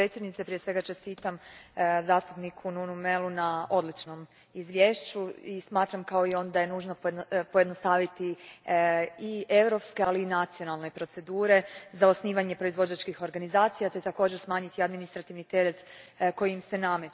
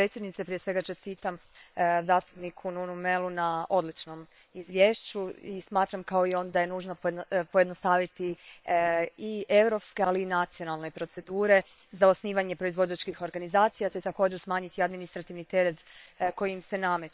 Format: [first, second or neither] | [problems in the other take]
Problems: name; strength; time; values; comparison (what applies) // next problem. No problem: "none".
first | noise reduction (neural separator model SepFormer WHAM!)